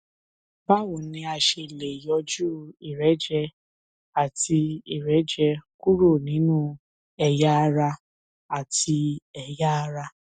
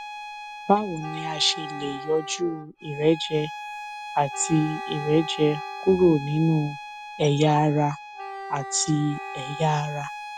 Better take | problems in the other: first | background sound (Wind instrument, woodwind instrument + Bowed string instrument); 11 dB below the speech

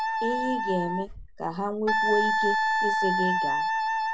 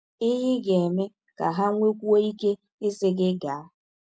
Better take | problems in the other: second | background sound (Wind instrument, woodwind instrument); 4 dB above the speech

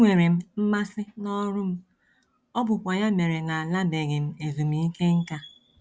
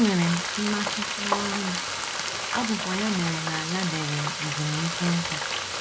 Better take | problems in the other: first | background sound (Frying (food)); 1 dB below the speech

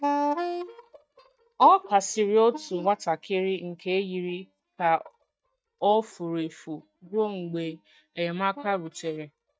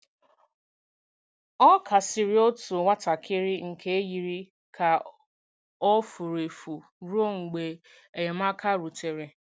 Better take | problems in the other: second | noise reduction (neural mask model DeepFilterNet 3)

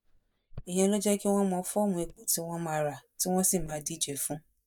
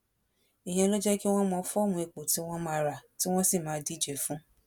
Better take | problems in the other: second | noise reduction (neural mask model DeepFilterNet 3)

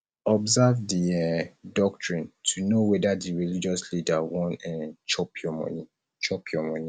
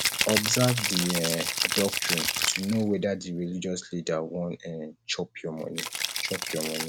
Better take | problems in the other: first | background sound (Rattle (instrument)); 2 dB below the speech

